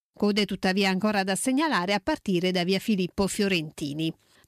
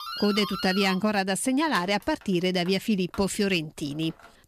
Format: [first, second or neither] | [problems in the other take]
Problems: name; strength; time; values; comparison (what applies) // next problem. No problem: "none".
first | doorbell; noticeable; peak 7 dB below the speech